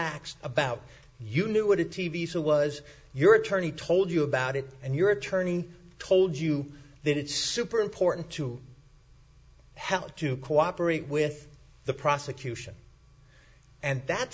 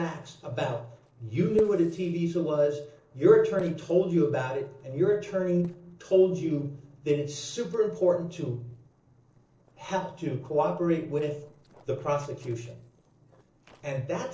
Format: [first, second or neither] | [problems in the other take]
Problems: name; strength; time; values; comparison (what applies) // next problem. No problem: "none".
first | noise reduction (neural separator model SepFormer DNS4)